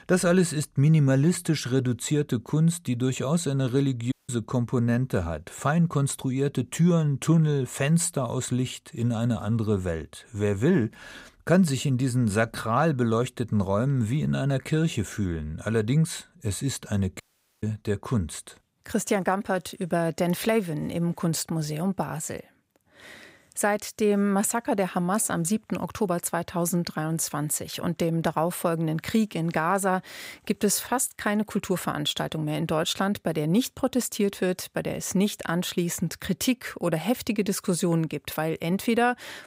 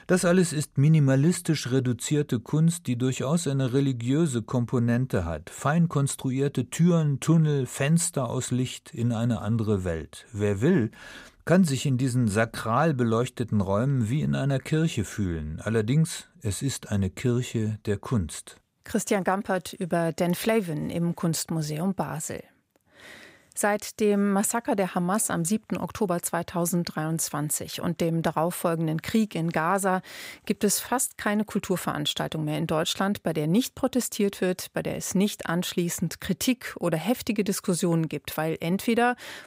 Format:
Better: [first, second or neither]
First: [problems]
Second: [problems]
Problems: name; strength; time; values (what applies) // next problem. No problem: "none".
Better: second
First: audio cutting out; at 4 s and at 17 s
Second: none